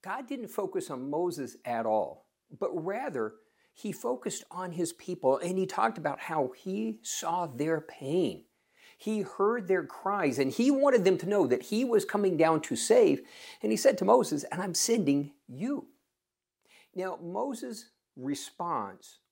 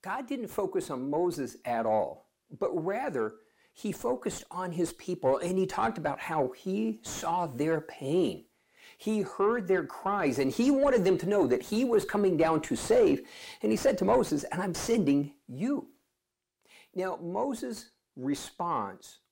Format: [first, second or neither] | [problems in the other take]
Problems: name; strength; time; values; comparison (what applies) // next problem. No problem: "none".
first | distortion; slight; 10 dB below the speech